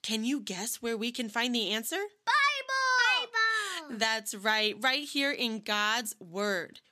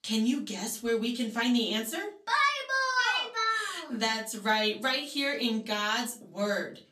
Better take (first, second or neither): first